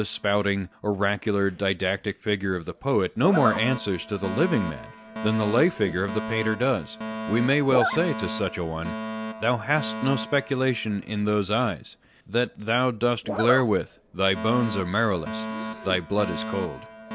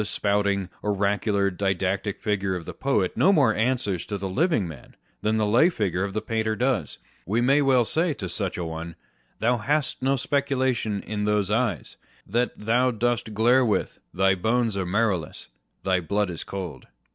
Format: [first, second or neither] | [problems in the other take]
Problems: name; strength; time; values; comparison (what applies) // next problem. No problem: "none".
second | background sound (Alarm + Zipper (clothing)); 9 dB below the speech